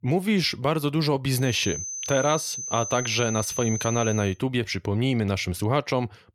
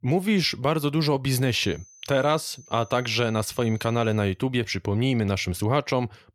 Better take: second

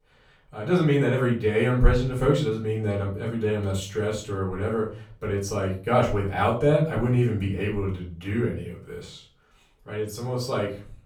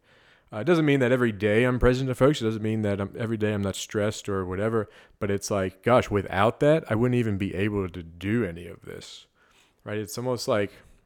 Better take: second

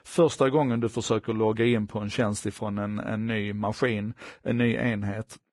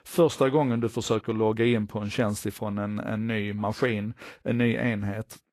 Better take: second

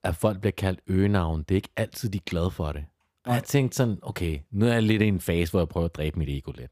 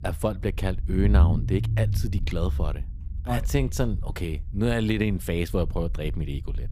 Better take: first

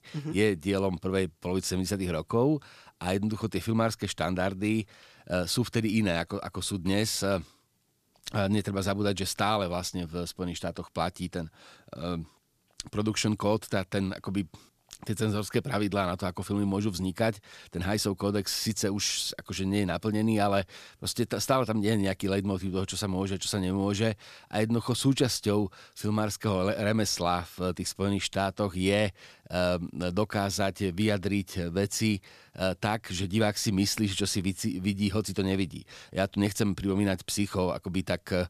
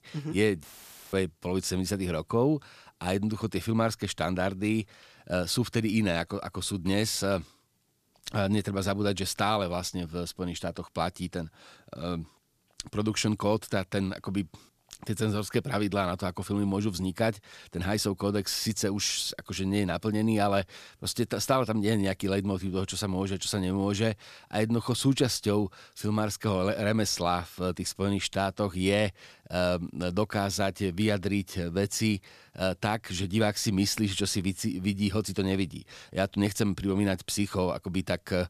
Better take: first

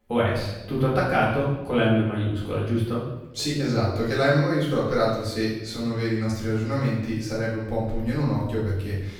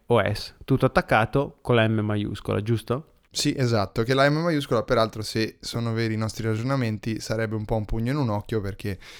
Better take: second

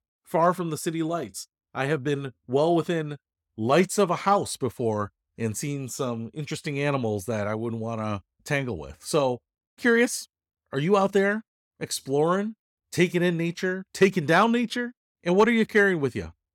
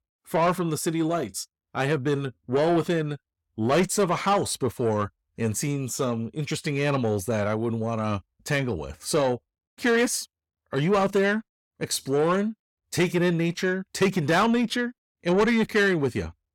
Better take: first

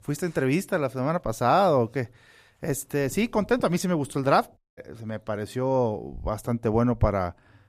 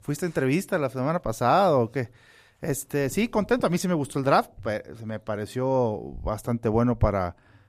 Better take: second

